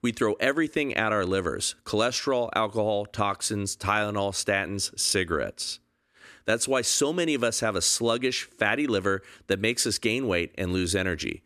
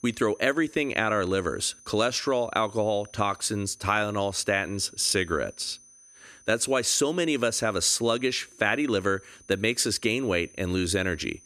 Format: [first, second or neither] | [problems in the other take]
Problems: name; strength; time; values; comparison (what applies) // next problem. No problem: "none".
first | high-pitched whine; faint; throughout; 6 kHz, 25 dB below the speech